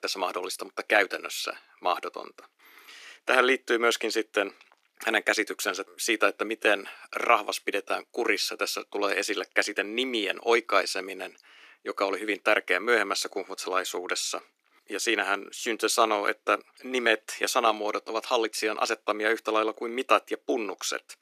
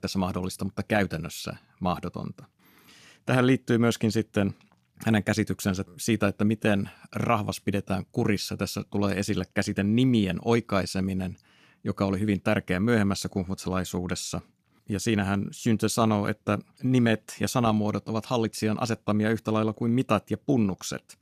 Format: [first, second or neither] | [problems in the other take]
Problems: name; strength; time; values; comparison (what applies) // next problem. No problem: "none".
second | thin; very; fading below 350 Hz